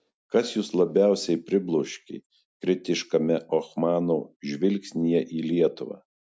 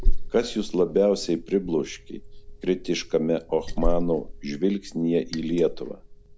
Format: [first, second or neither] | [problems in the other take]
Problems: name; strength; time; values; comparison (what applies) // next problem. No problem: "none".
first | background sound (Liquid); 2 dB below the speech